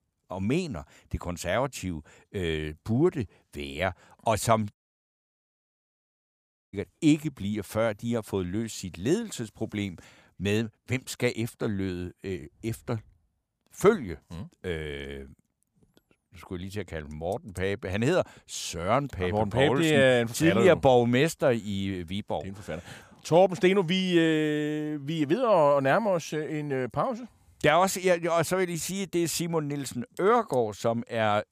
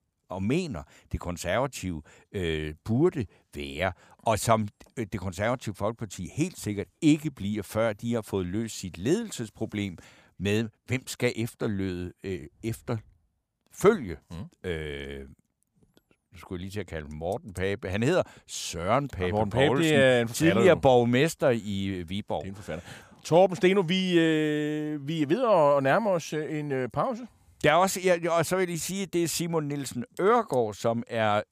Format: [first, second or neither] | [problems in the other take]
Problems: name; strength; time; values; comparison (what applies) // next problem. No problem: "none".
second | audio cutting out; at 4.5 s for 2 s